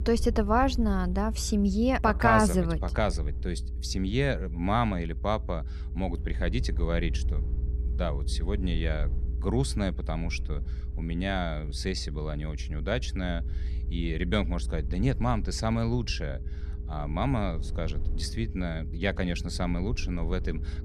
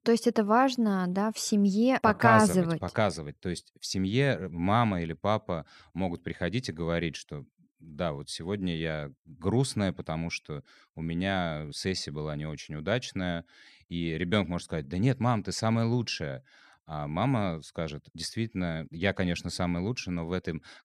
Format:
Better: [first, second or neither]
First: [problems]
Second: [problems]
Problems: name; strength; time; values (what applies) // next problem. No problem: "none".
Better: second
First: low rumble; noticeable; throughout; 20 dB below the speech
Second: none